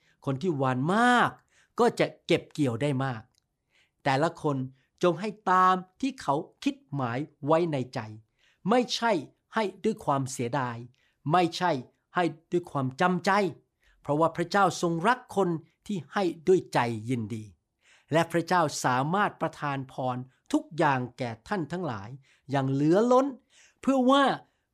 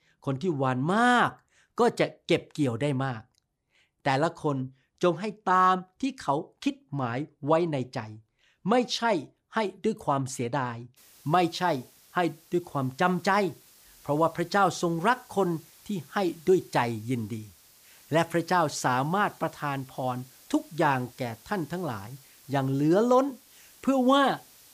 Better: first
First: none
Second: hiss; faint; from 11 s on; 25 dB below the speech

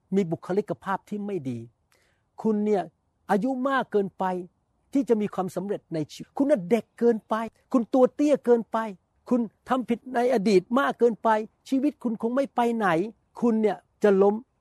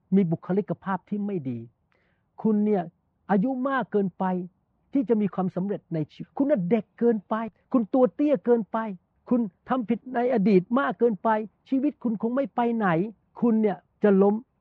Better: first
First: none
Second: muffled; slightly; fading above 3 kHz

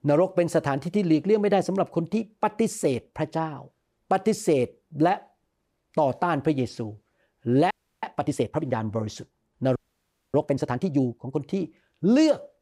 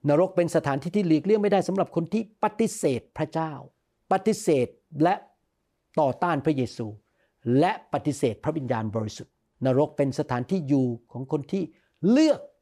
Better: second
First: audio freezing; at 7.5 s and at 10 s for 0.5 s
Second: none

